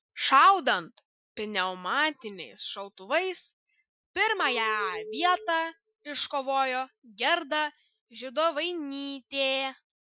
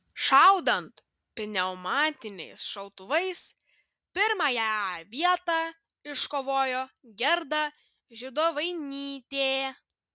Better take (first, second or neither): second